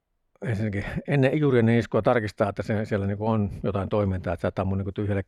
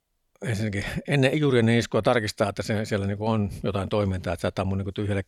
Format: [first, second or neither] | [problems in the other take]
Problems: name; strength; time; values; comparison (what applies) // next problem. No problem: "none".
second | muffled; slightly; fading above 3 kHz